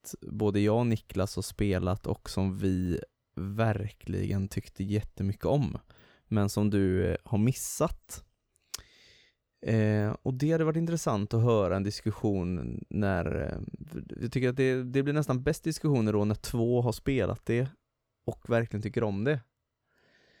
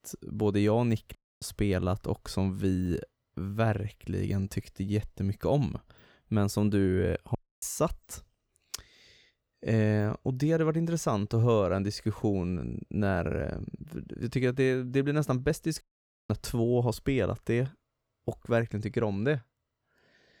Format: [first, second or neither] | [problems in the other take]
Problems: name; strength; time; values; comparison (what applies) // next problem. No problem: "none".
first | audio cutting out; at 1 s, at 7.5 s and at 16 s